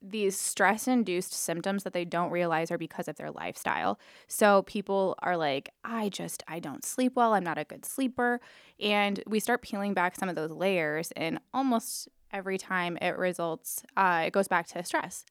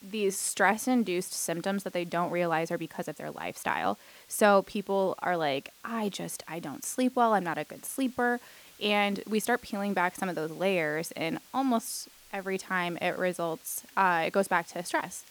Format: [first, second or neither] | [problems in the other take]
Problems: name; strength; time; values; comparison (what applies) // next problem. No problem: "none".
first | hiss; faint; throughout; 25 dB below the speech